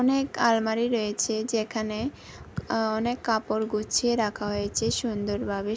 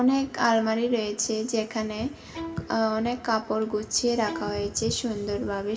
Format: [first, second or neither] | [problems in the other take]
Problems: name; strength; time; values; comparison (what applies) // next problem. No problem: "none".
first | background sound (Bowed string instrument); 15 dB below the speech // room echo; dies away in 2.4 s